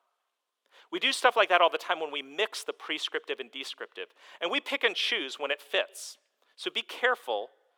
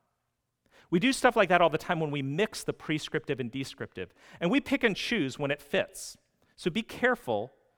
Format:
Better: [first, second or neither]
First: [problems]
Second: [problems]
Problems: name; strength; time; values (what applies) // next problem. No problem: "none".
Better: second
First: thin; very; fading below 400 Hz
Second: none